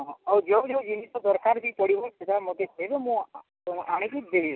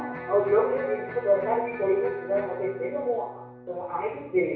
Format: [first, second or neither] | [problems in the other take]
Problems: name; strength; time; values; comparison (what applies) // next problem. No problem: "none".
first | background sound (Electric guitar); 13 dB below the speech // room echo; dies away in 0.6 s